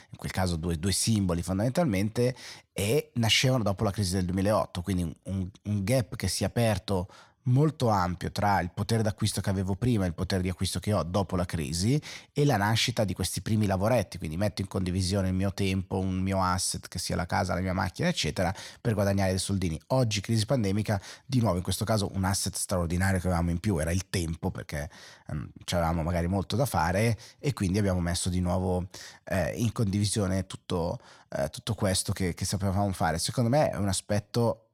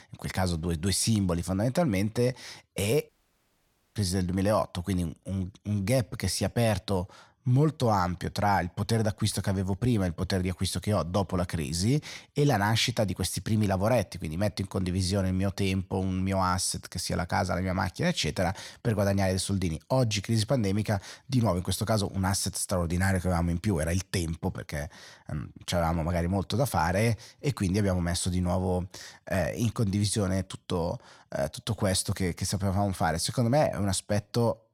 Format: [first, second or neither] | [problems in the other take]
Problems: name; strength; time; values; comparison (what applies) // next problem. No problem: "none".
first | audio cutting out; at 3 s for 1 s